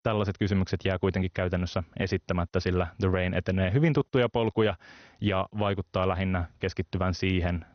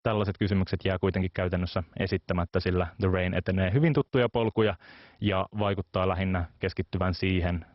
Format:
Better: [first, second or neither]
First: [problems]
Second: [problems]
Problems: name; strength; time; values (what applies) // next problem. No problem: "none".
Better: first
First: garbled, watery; slightly; nothing above 6 kHz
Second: garbled, watery; badly; nothing above 5.5 kHz